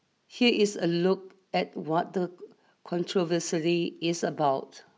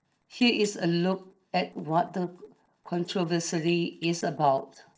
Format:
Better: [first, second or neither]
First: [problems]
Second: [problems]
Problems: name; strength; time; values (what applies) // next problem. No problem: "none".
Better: first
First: none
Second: noise reduction (neural separator model SepFormer DNS4)